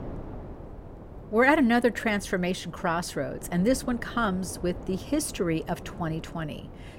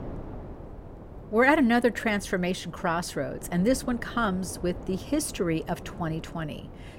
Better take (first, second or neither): neither